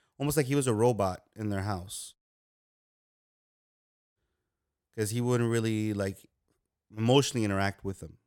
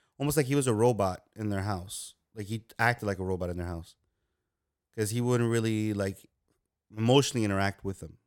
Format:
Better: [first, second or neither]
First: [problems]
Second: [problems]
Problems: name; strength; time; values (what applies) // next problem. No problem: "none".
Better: second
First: audio cutting out; at 2 s for 2 s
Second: none